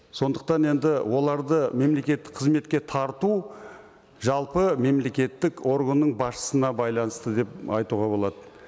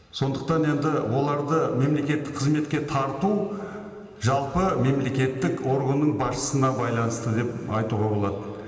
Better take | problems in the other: first | room echo; dies away in 2.9 s

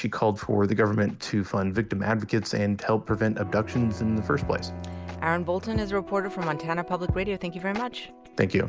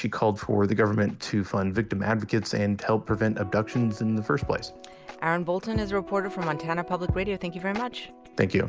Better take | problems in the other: second | background sound (Bowed string instrument); 13 dB below the speech

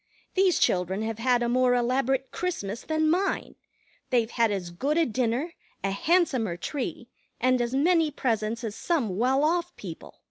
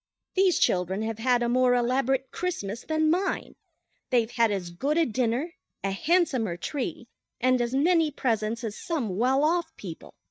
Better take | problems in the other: first | noise reduction (neural mask model DeepFilterNet 3)

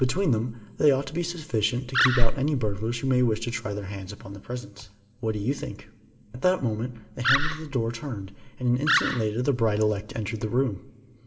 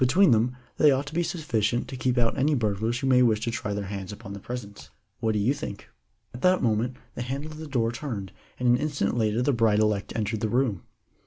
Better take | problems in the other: second | background sound (Animal); 3 dB below the speech // room echo; dies away in 2.3 s

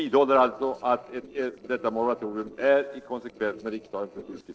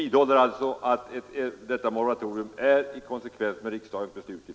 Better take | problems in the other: second | noise reduction (neural separator model SepFormer DNS4)

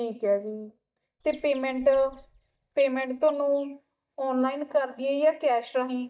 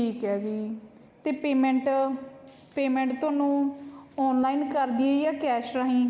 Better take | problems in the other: second | noise reduction (neural mask model DeepFilterNet 3)

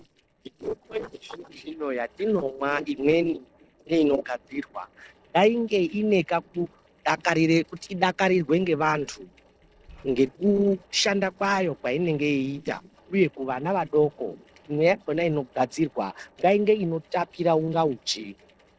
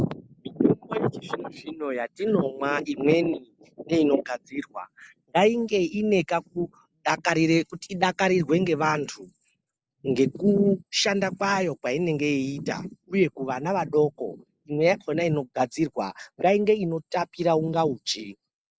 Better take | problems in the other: second | noise reduction (neural separator model SepFormer DNS4)

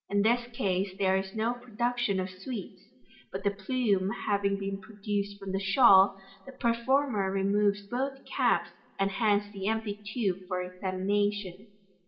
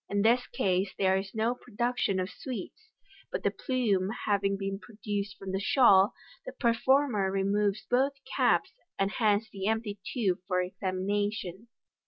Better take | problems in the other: second | room echo; dies away in 0.8 s

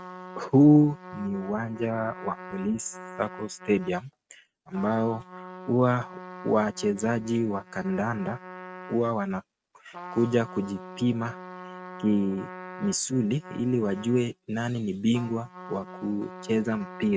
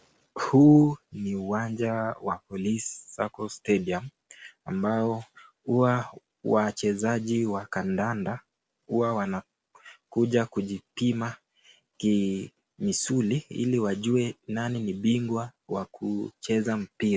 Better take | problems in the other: second | noise reduction (neural mask model RNNoise)

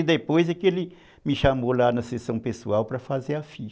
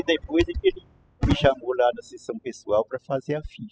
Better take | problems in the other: first | noise reduction (classical method spectral subtraction)

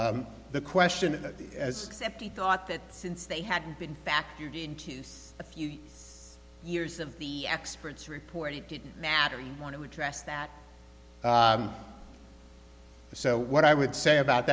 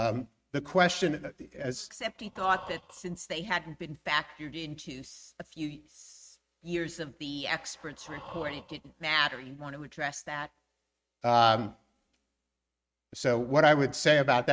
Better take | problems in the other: first | noise reduction (neural mask model RNNoise)

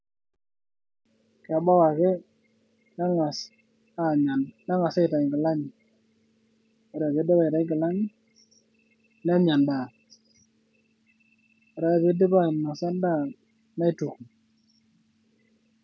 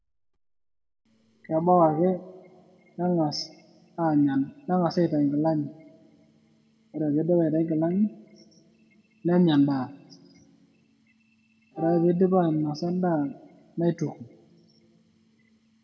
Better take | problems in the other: first | background sound (Wind instrument, woodwind instrument); 12 dB below the speech // room echo; dies away in 0.6 s

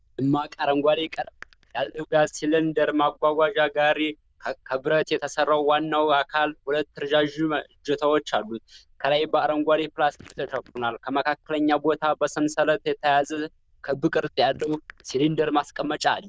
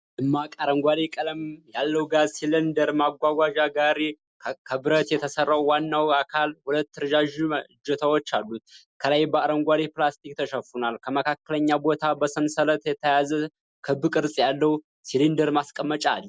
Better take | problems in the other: second | noise reduction (neural diffusion model UNIVERSE++)

